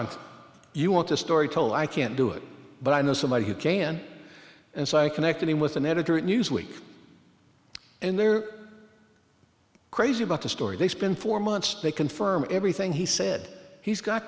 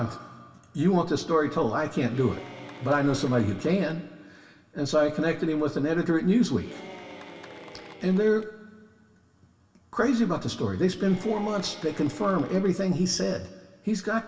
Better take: first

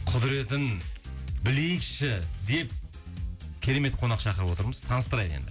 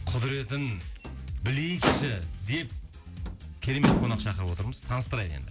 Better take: first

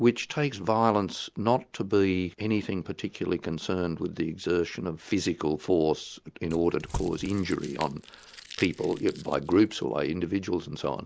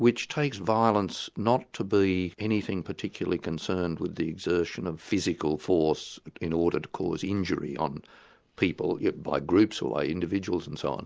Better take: second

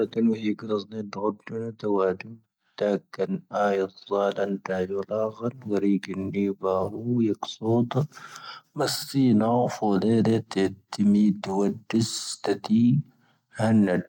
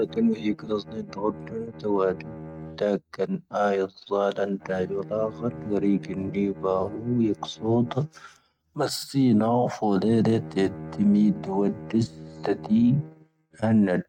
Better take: first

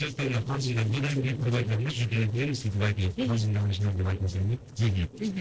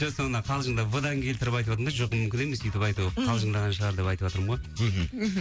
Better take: second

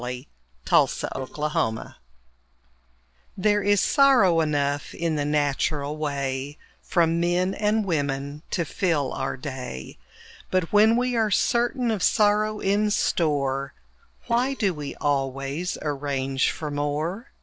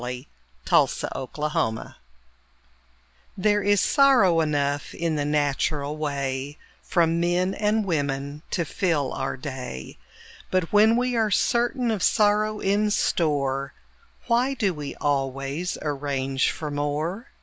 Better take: second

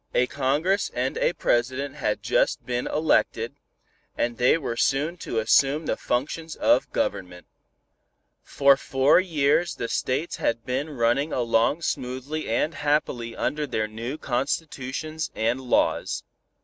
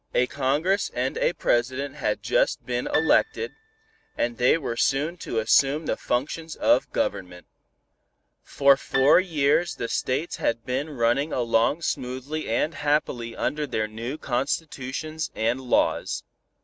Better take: first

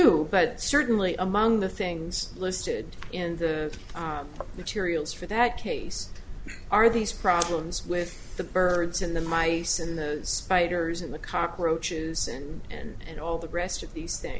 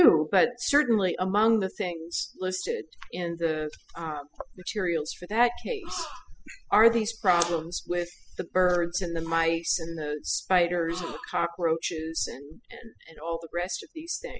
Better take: first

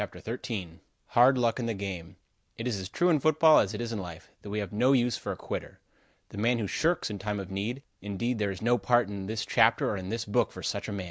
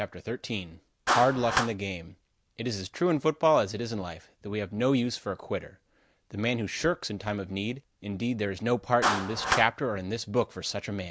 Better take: first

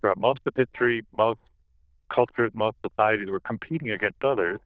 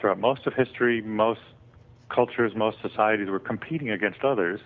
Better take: second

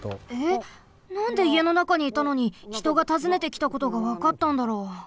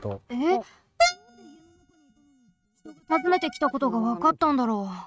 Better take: first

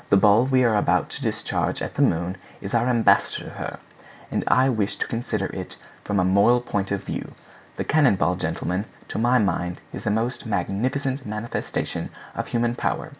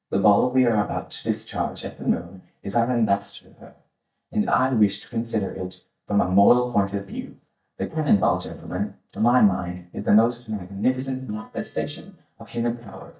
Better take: first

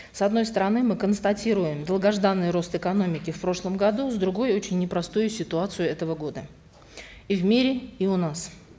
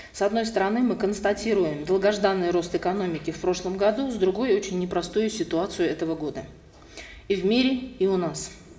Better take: first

